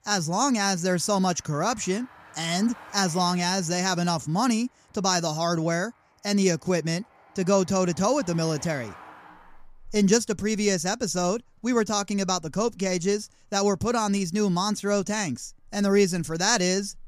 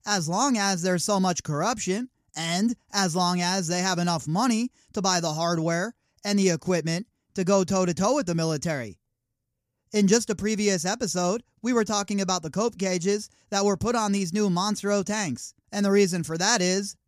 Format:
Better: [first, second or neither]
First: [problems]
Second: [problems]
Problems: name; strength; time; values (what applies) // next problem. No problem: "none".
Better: second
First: traffic noise; faint; throughout; 25 dB below the speech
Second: none